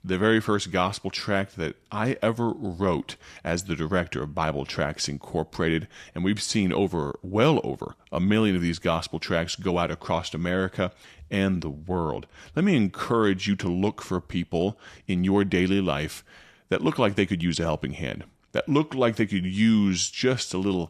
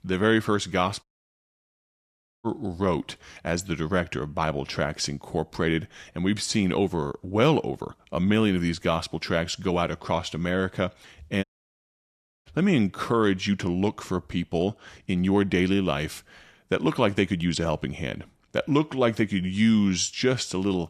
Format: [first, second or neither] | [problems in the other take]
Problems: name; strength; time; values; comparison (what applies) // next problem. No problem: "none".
first | audio cutting out; at 1 s for 1.5 s and at 11 s for 1 s